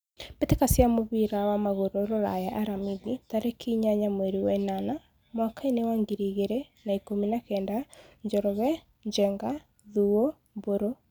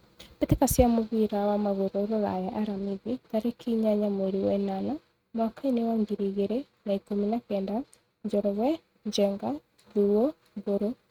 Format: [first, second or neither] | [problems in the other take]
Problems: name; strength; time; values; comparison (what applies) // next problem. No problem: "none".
first | noise reduction (neural mask model RNNoise)